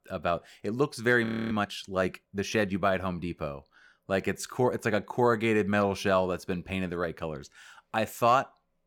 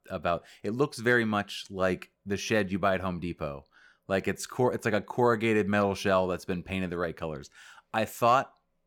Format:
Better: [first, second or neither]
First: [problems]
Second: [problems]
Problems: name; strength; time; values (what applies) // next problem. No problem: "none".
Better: second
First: audio freezing; at 1.5 s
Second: none